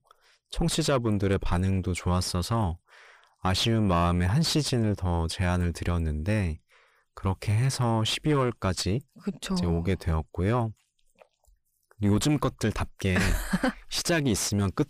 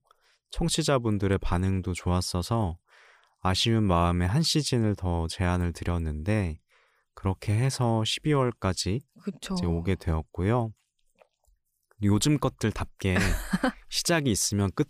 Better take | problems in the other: second | distortion; slight; 10 dB below the speech

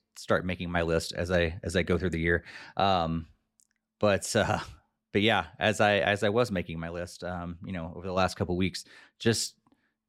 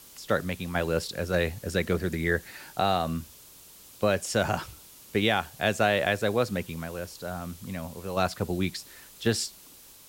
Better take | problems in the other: first | hiss; noticeable; throughout; 20 dB below the speech

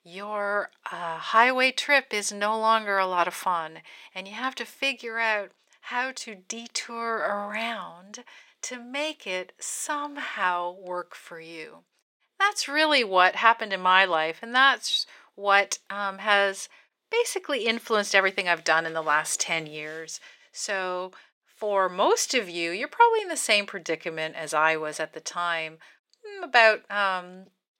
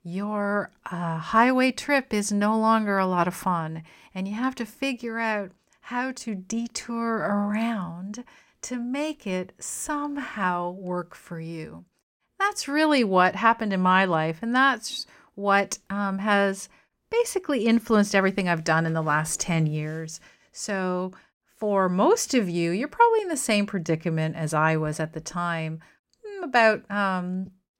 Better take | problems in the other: second | thin; very; fading below 500 Hz

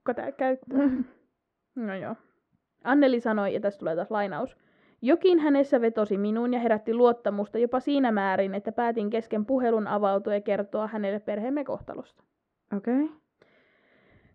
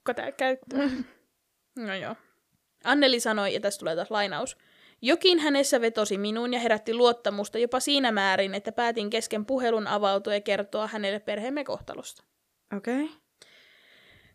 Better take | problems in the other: second | muffled; very; fading above 1.5 kHz

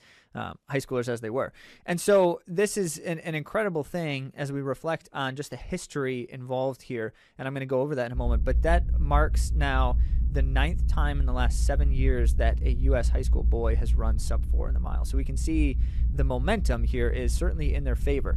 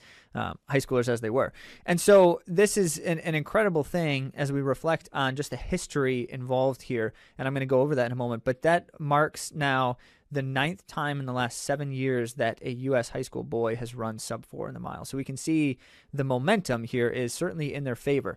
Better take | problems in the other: second | low rumble; noticeable; from 8 s on; 15 dB below the speech

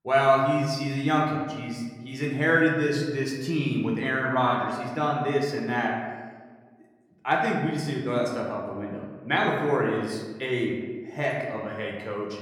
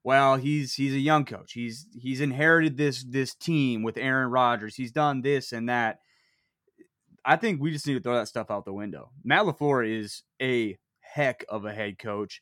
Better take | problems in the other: second | room echo; noticeable; dies away in 1.2 s // off-mic speech; somewhat distant

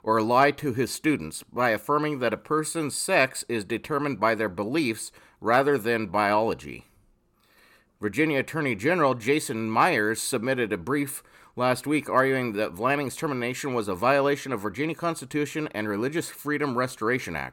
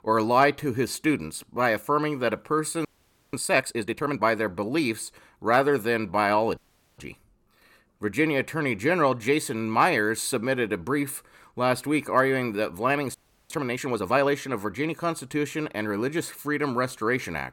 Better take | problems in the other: first | audio freezing; at 3 s, at 6.5 s and at 13 s

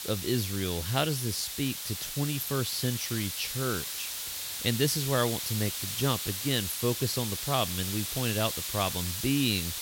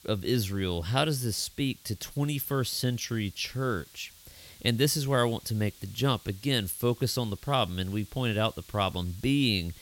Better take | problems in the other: second | hiss; loud; throughout; 3 dB below the speech; faint in the second

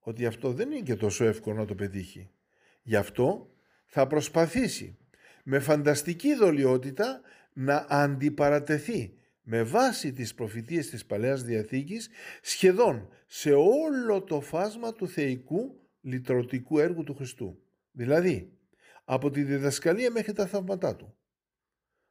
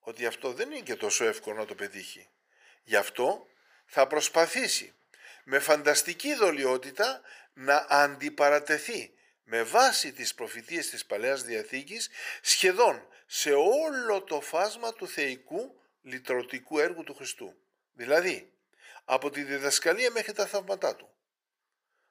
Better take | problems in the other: first | thin; very; fading below 700 Hz

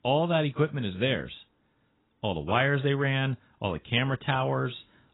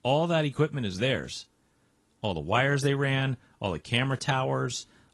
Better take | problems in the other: second | garbled, watery; badly; nothing above 4 kHz; slightly in the second

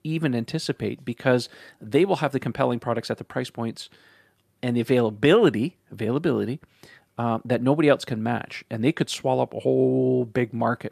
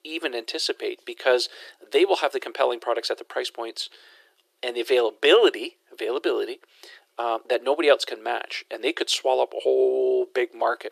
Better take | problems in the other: first | thin; very; fading below 350 Hz

